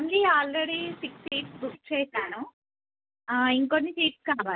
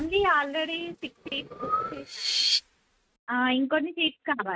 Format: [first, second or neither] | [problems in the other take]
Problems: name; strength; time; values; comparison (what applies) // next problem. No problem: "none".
first | noise reduction (neural mask model RNNoise)